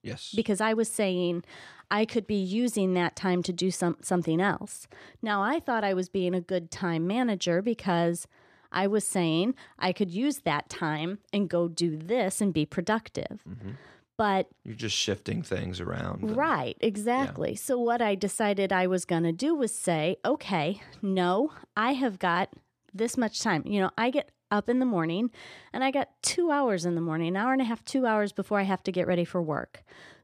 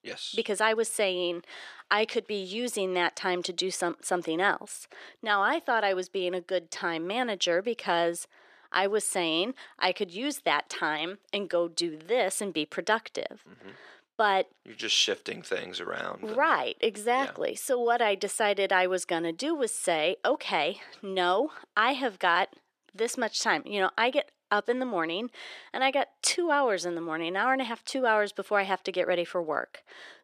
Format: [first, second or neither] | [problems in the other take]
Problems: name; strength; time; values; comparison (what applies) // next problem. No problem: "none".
first | thin; somewhat; fading below 450 Hz